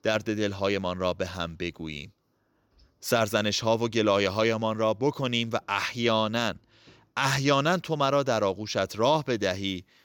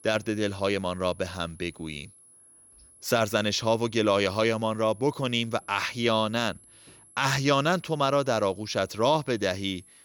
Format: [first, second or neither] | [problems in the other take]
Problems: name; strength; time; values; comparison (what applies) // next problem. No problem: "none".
first | high-pitched whine; faint; throughout; 11 kHz, 25 dB below the speech